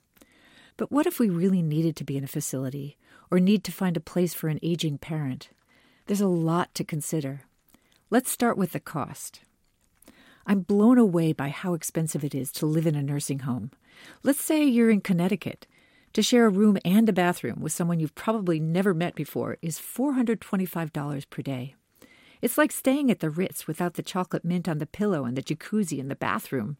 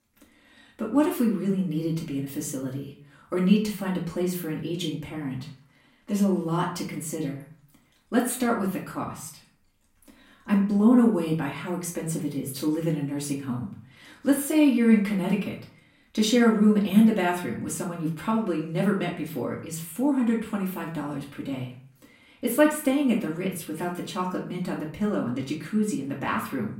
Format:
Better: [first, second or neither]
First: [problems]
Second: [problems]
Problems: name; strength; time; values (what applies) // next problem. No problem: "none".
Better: first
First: none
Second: off-mic speech; far // room echo; slight; dies away in 0.4 s